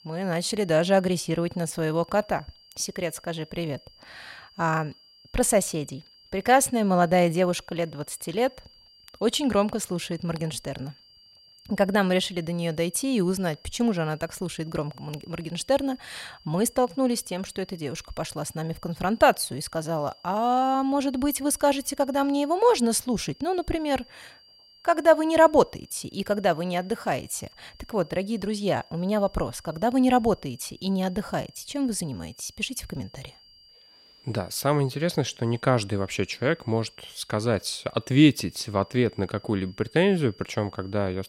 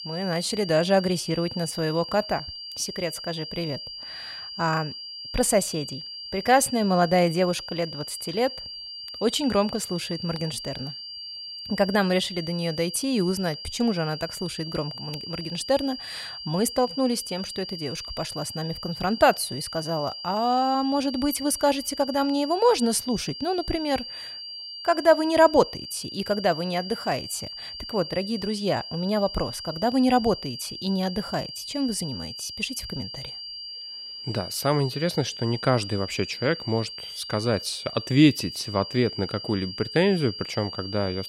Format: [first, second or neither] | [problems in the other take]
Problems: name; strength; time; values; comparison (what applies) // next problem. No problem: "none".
first | high-pitched whine; loud; throughout; 4.5 kHz, 9 dB below the speech; faint in the first